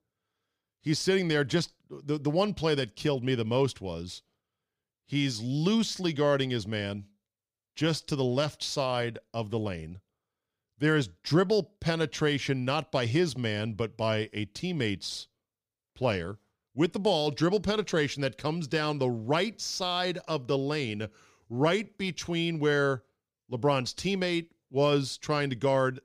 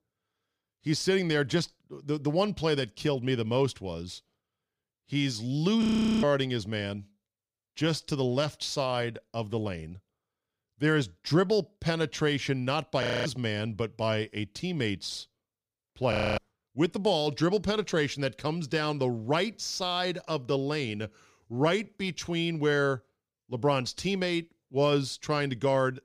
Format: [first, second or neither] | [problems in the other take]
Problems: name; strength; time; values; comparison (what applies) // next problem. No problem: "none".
first | audio freezing; at 6 s, at 13 s and at 16 s